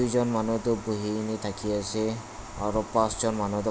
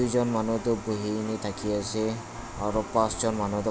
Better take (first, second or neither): first